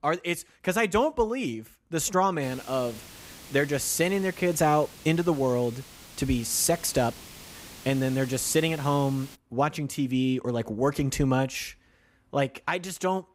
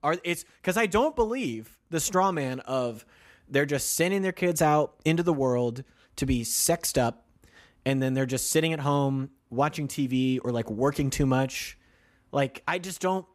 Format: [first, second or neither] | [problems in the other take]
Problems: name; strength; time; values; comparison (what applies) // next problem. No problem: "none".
second | hiss; noticeable; from 2.5 to 9.5 s; 20 dB below the speech